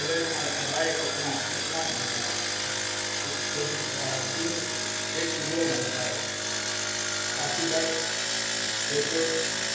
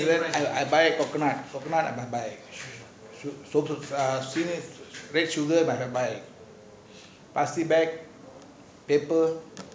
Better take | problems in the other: second | background sound (Engine); 4 dB above the speech // room echo; dies away in 0.8 s

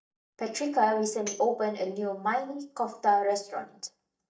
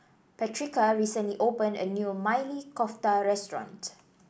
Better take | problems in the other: second | noise reduction (neural mask model DeepFilterNet 3)

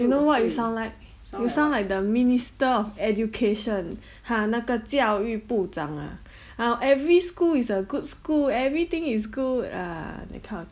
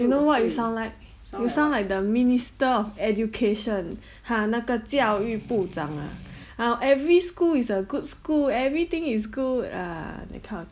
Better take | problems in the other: first | background sound (Strum); 18 dB below the speech

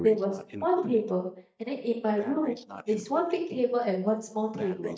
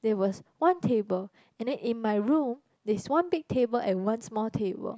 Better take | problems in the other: second | noise reduction (neural mask model DeepFilterNet 3)

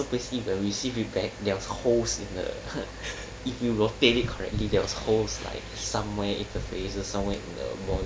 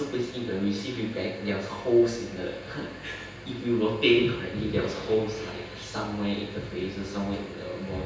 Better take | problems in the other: first | room echo; dies away in 0.9 s

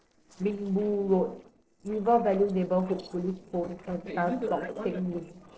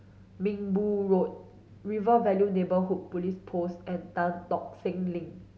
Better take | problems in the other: second | noise reduction (neural separator model SepFormer DNS4)

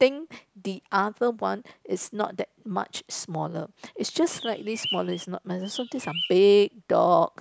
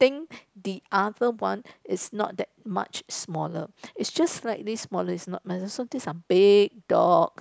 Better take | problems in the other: second | background sound (Bird); 11 dB below the speech

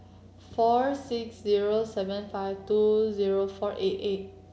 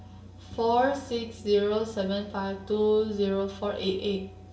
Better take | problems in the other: first | room echo; dies away in 0.2 s

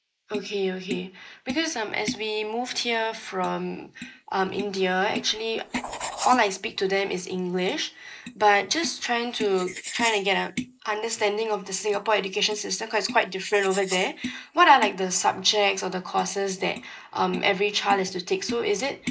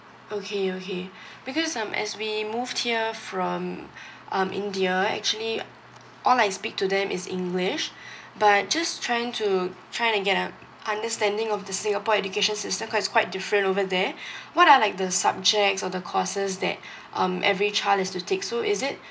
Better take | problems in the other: second | noise reduction (neural mask model Resemble Enhance denoiser)

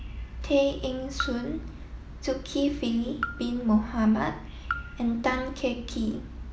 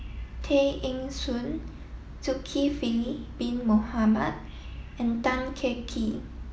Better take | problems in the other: second | background sound (Raindrop / Drip); 12 dB below the speech

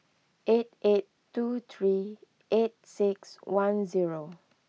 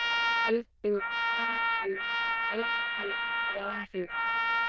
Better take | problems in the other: first | noise reduction (neural diffusion model UNIVERSE++)

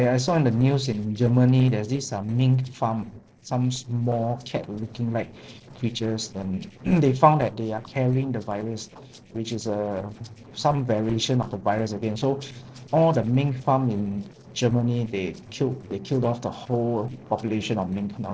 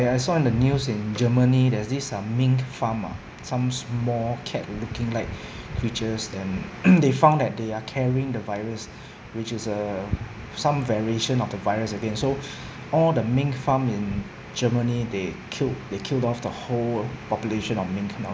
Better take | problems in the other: second | noise reduction (neural separator model SepFormer DNS4)

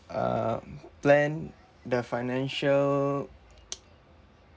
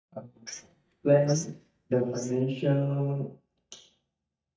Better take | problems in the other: first | noise reduction (neural mask model DeepFilterNet 3)

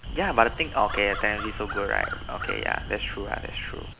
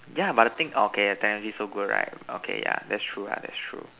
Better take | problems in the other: second | background sound (Crow); 7 dB below the speech

